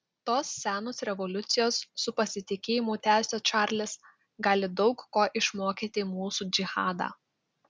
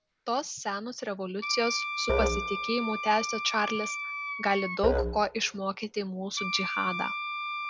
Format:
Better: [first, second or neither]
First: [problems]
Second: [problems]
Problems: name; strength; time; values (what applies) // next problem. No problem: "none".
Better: first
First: none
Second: background sound (Musical instrument + Wind instrument, woodwind instrument); 3 dB below the speech